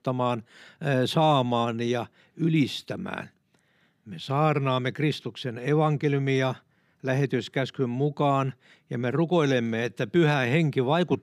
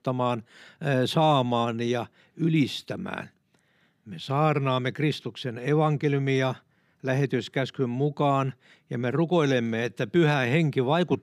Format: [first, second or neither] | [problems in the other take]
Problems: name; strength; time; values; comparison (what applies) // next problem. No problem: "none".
neither | none